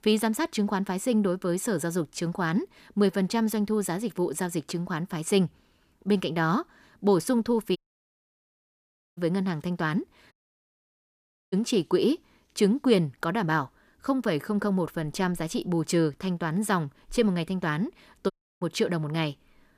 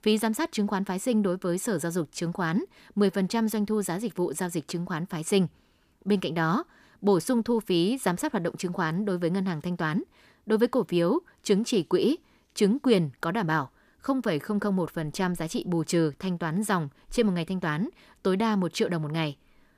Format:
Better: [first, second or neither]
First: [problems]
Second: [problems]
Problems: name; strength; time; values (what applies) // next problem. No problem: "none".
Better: second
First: audio cutting out; at 8 s for 1.5 s, at 10 s for 1 s and at 18 s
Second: none